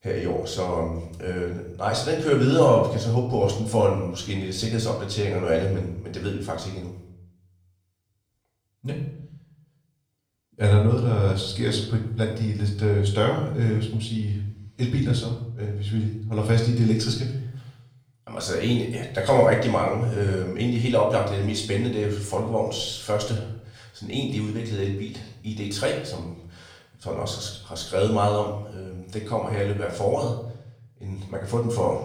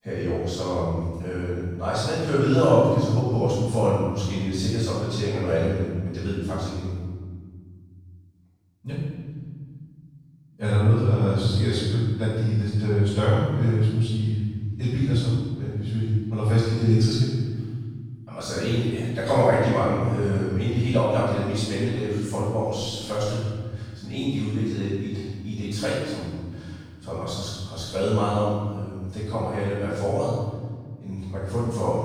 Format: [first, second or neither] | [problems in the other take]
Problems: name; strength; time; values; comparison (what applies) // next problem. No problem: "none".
first | room echo; strong; dies away in 2.1 s; slight in the first // off-mic speech; far; far in the first